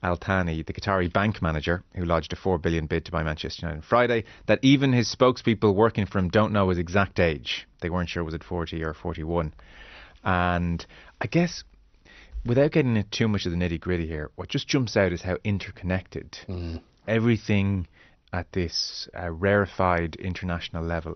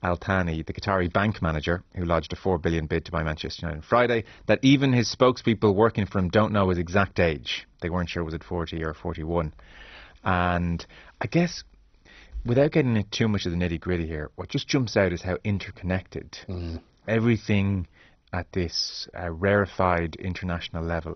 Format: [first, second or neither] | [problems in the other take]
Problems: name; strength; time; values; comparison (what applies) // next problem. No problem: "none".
first | garbled, watery; badly; nothing above 6 kHz; slightly in the first